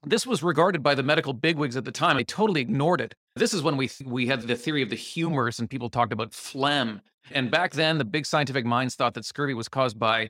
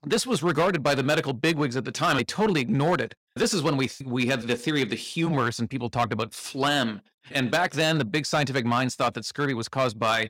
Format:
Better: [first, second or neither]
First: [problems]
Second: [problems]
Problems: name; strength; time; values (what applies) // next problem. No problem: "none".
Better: first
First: none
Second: distortion; slight; 5% of the sound clipped